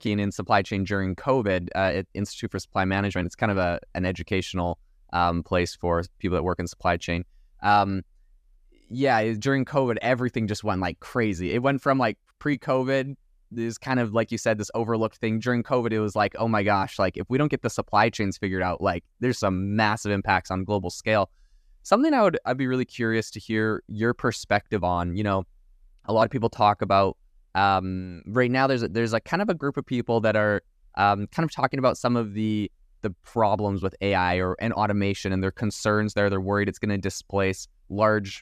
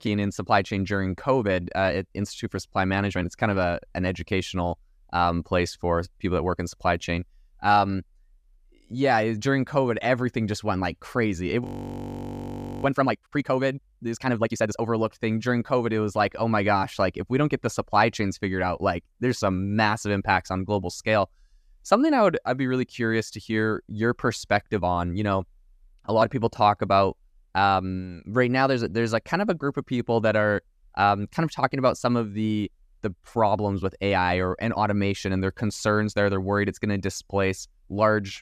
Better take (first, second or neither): first